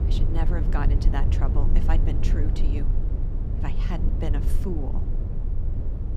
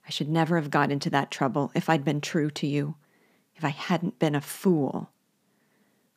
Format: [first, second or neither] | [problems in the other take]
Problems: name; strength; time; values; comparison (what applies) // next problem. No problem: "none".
second | low rumble; loud; throughout; 4 dB below the speech